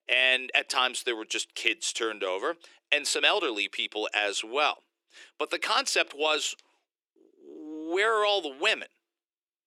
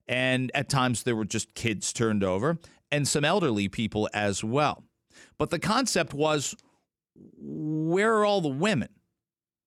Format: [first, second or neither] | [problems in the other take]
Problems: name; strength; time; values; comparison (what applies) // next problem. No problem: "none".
second | thin; very; fading below 350 Hz